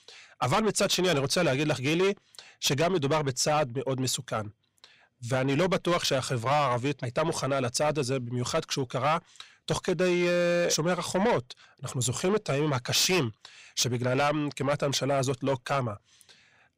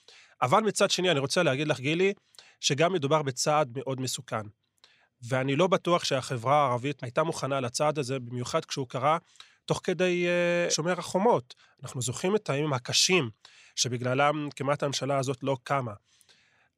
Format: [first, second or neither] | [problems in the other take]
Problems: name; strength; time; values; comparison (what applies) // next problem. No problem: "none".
second | distortion; heavy; 8 dB below the speech